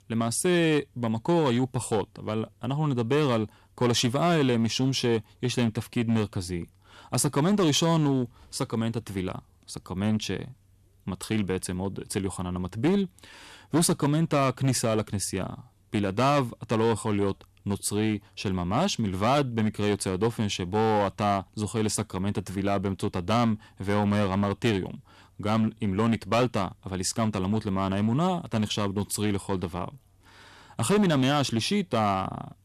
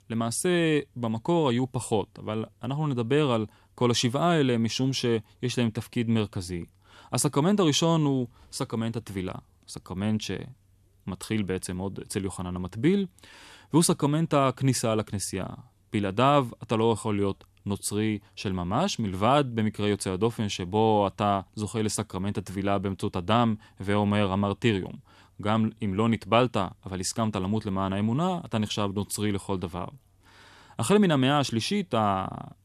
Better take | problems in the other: second | distortion; slight; 5% of the sound clipped

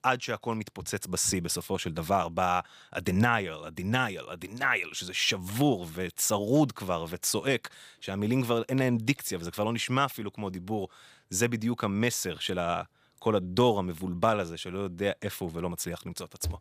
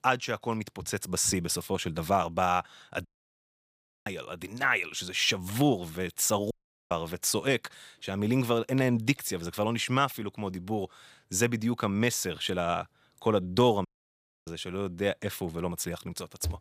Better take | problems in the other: first | audio cutting out; at 3 s for 1 s, at 6.5 s and at 14 s for 0.5 s

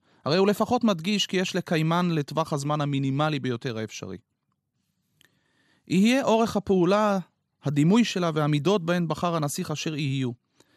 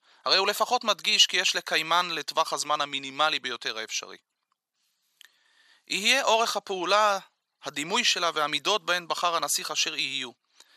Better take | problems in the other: first | thin; very; fading below 850 Hz

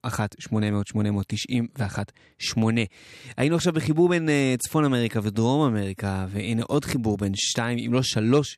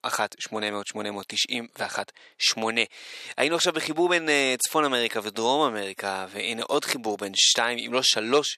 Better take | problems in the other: first | thin; very; fading below 600 Hz

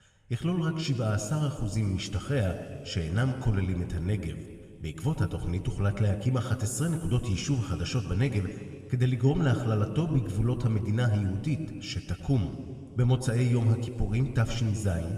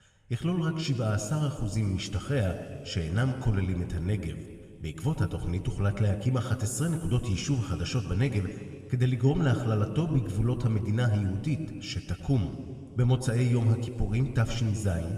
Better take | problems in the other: neither | room echo; slight; dies away in 2.3 s; the same in both

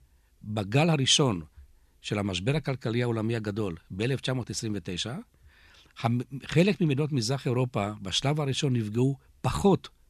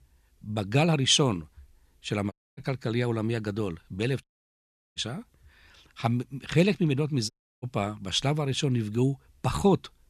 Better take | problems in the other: first | audio cutting out; at 2.5 s, at 4 s for 0.5 s and at 7.5 s

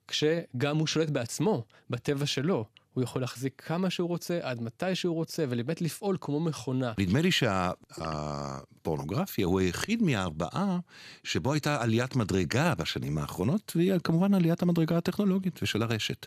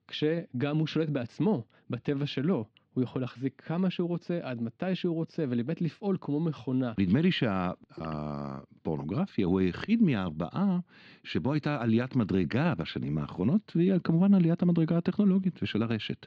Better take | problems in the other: first | muffled; slightly; fading above 4 kHz

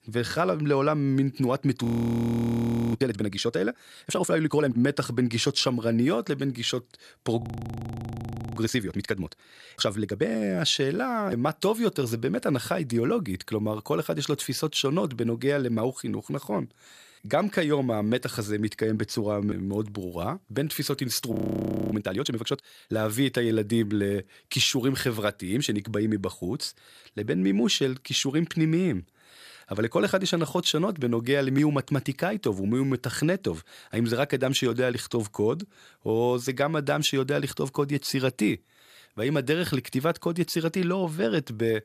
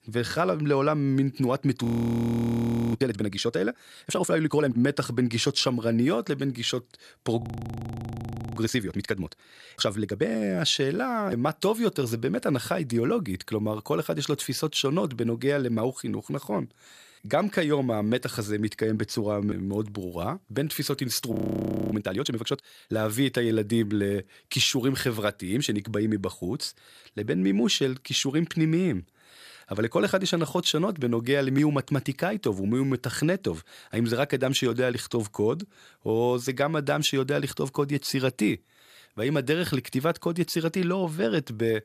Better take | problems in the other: neither | audio freezing; at 2 s for 1 s, at 7.5 s for 1 s and at 21 s for 0.5 s; the same in both

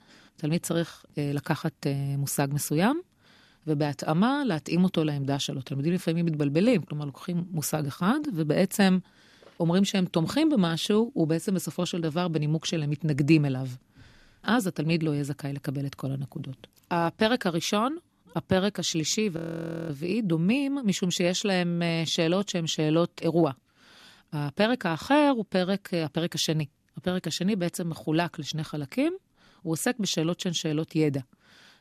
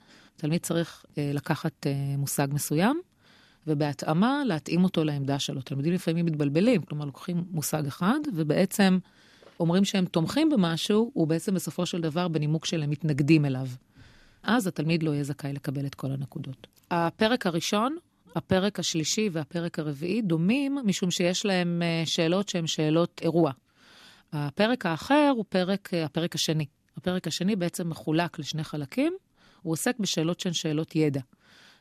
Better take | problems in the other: second | audio freezing; at 19 s for 0.5 s

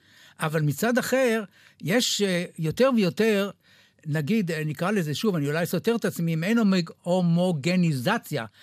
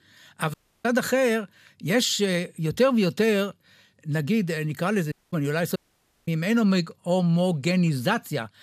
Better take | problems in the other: first | audio cutting out; at 0.5 s, at 5 s and at 6 s for 0.5 s

